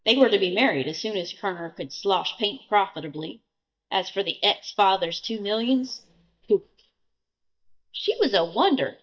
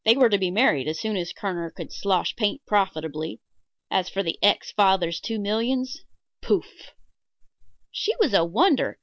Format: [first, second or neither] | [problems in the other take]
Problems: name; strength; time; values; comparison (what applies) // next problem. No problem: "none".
second | noise reduction (neural mask model DeepFilterNet 3)